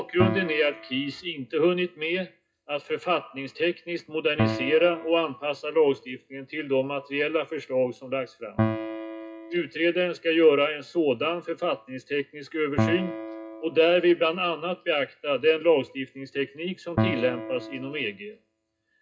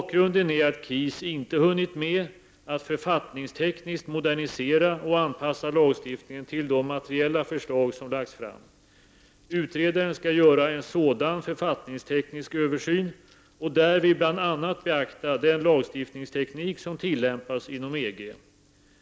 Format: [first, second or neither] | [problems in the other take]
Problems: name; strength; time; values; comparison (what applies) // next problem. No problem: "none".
second | noise reduction (classical method WPE with log-MMSE)